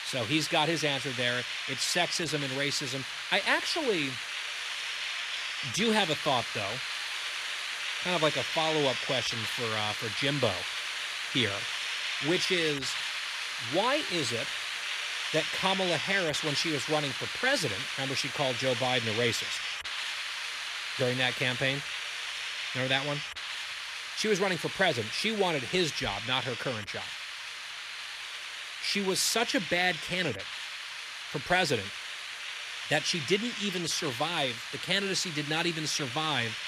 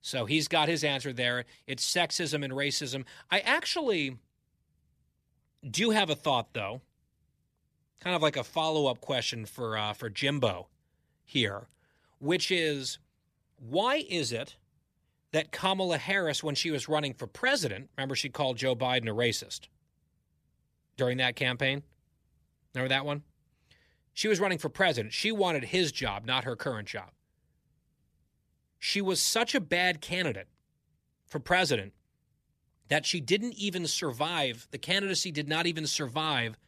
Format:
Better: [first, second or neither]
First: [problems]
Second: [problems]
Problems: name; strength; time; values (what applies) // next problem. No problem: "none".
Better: second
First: hiss; loud; throughout; 4 dB below the speech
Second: none